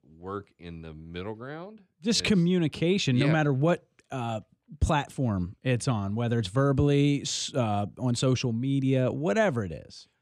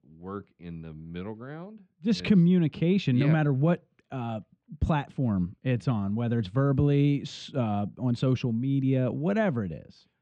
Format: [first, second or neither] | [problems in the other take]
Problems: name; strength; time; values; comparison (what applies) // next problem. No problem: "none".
first | muffled; slightly; fading above 3.5 kHz